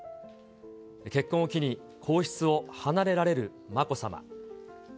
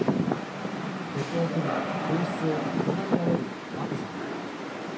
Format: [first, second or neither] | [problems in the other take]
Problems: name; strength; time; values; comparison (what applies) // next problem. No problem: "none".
first | background sound (Rain); 4 dB above the speech // room echo; dies away in 0.3 s